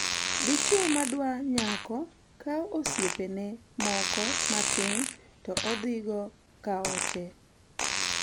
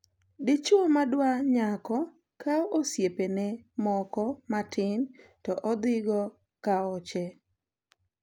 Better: second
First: background sound (Fart); as loud as the speech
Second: none

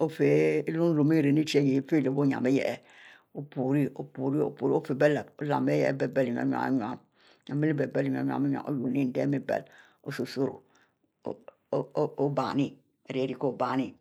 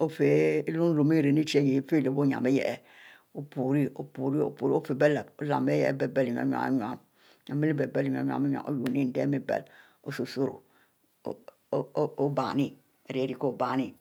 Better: second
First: noise reduction (neural mask model Resemble Enhance denoiser)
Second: none

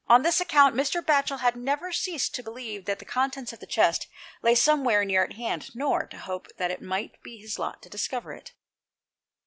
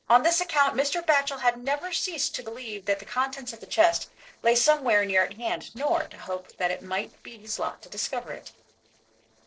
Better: first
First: none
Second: noise reduction (neural separator model SepFormer DNS4)

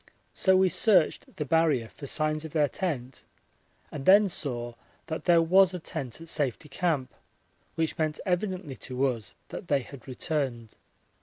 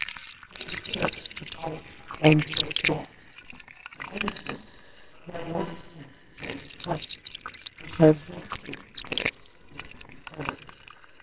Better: first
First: none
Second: noise reduction (neural separator model SepFormer WHAMR!)

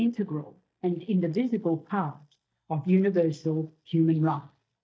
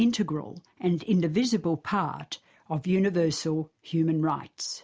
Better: second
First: noise reduction (neural mask model DeepFilterNet 3)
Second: none

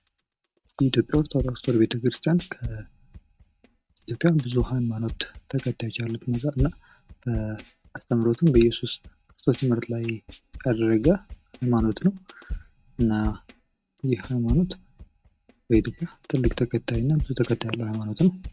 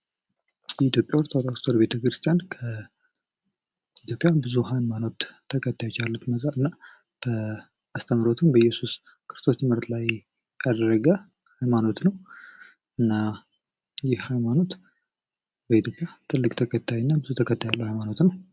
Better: second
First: noise reduction (neural mask model RNNoise)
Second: none

